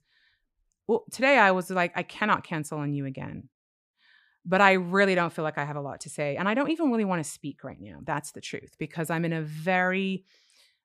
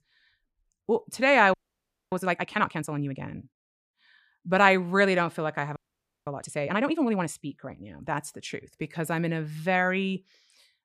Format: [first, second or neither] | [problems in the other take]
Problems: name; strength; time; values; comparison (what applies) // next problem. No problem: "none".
first | audio freezing; at 1.5 s for 0.5 s and at 6 s for 0.5 s